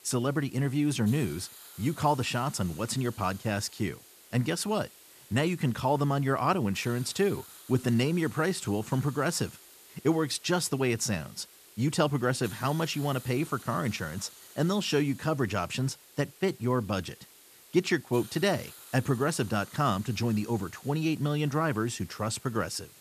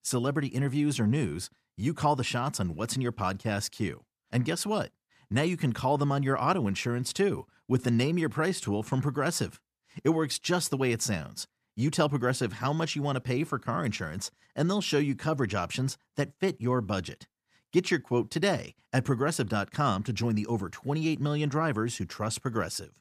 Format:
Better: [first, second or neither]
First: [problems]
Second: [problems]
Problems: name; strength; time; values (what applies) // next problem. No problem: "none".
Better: second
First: hiss; noticeable; throughout; 20 dB below the speech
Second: none